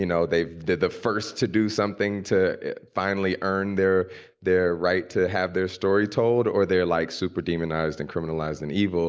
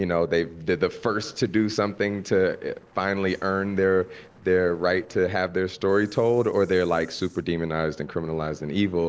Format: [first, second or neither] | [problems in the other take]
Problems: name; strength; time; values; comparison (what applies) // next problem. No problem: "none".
first | noise reduction (neural separator model SepFormer DNS4)